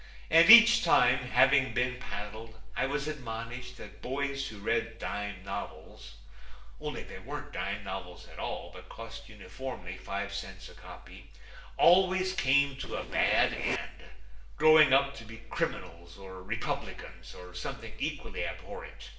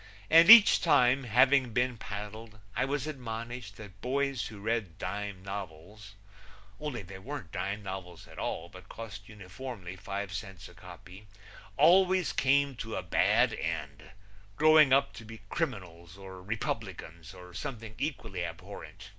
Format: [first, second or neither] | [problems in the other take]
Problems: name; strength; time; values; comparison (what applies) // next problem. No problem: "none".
second | noise reduction (neural separator model SepFormer DNS4)